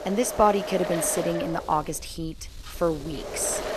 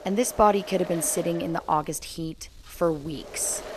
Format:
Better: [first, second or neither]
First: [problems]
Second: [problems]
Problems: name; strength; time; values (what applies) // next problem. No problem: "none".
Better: second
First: wind noise on the microphone; heavy; 7 dB below the speech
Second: wind noise on the microphone; occasional gusts; 15 dB below the speech